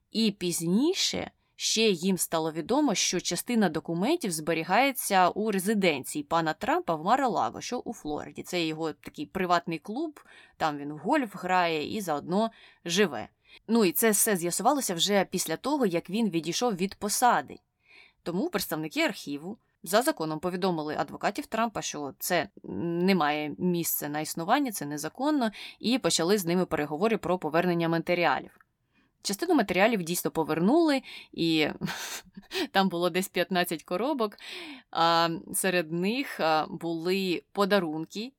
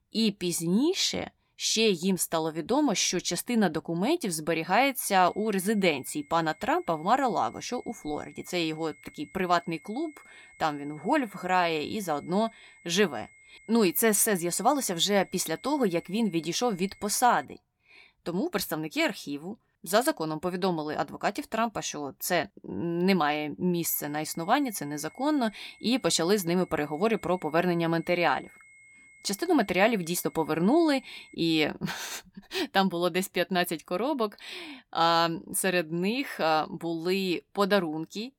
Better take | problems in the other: first | high-pitched whine; faint; from 5 to 17 s and from 24 to 31 s; 2 kHz, 25 dB below the speech

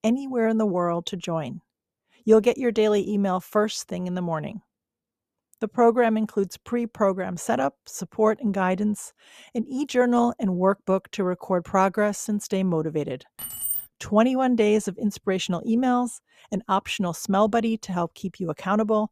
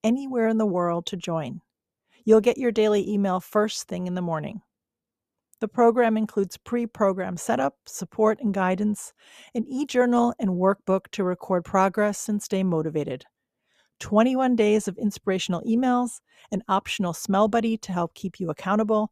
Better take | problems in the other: second | jangling keys; noticeable; at 13 s; peak 2 dB below the speech

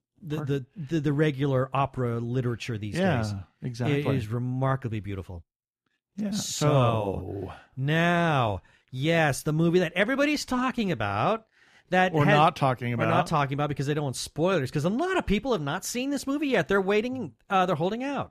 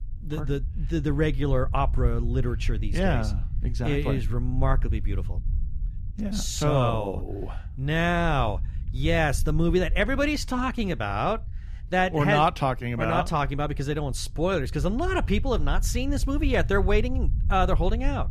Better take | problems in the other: first | low rumble; faint; throughout; 25 dB below the speech

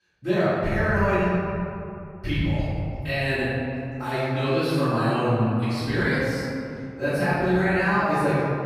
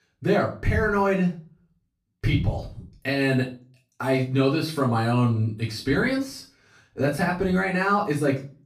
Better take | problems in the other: second | room echo; strong; dies away in 2.6 s; slight in the second // off-mic speech; far; far in the second

